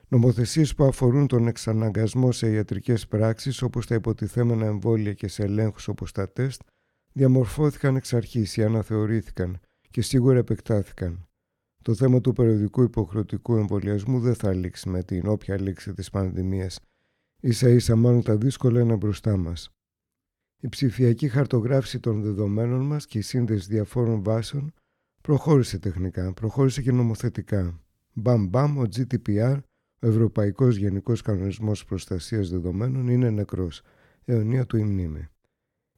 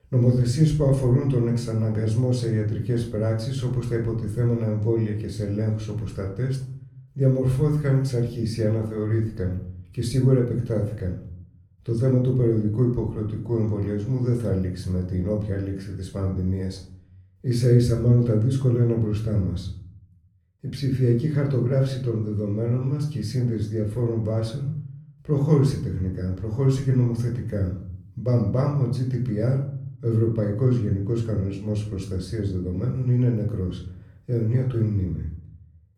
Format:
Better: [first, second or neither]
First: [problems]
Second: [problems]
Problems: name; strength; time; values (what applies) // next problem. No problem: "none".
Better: first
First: none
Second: off-mic speech; somewhat distant // room echo; slight; dies away in 0.6 s